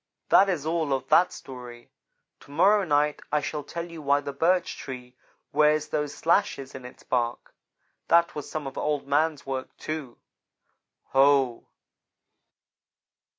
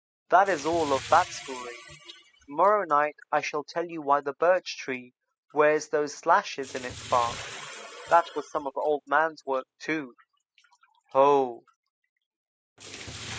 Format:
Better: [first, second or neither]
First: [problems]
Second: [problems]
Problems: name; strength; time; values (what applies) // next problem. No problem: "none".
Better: first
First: none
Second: noise reduction (classical method spectral subtraction)